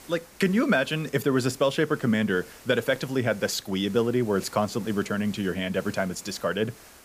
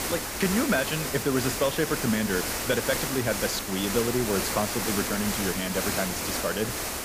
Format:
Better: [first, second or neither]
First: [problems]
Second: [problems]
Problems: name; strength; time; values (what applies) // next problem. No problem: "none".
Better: first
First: hiss; faint; throughout; 20 dB below the speech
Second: hiss; loud; throughout; 1 dB below the speech